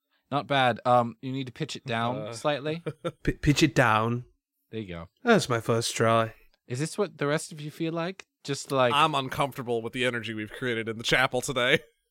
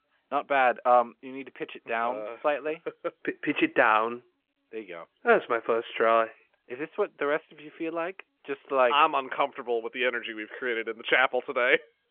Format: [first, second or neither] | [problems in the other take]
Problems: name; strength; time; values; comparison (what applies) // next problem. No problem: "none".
first | phone-call audio; nothing above 3 kHz